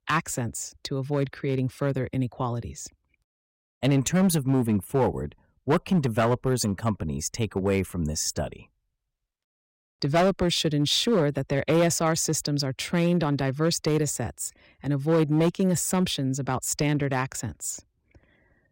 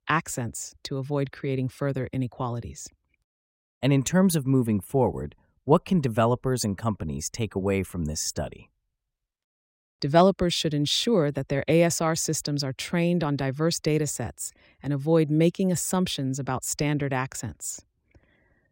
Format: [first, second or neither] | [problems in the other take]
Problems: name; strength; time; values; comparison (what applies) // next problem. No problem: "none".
second | distortion; slight; 4% of the sound clipped